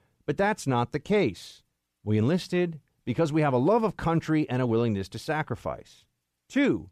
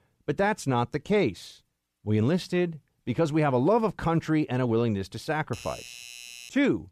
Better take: first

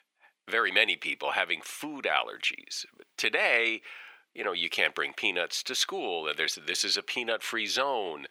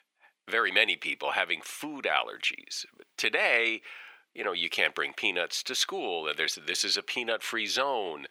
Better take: neither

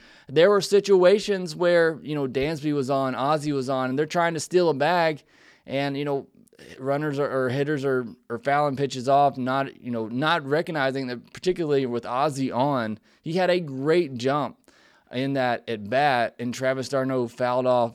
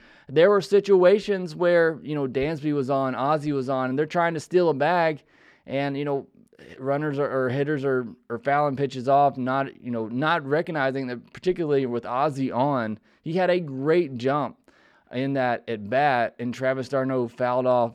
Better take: first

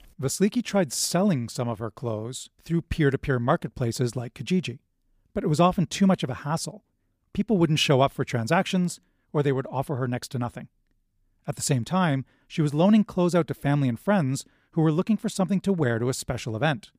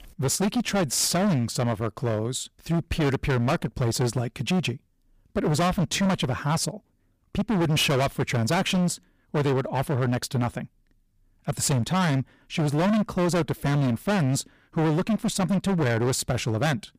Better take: first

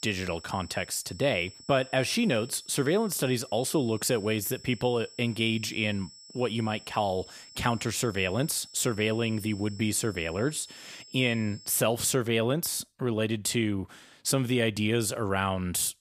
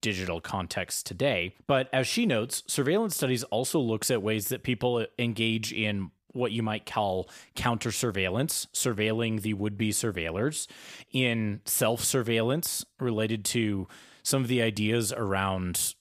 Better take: second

